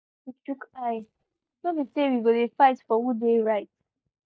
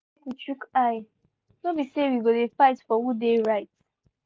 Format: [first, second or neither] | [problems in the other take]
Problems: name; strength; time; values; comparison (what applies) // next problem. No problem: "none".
second | noise reduction (neural mask model DeepFilterNet 3)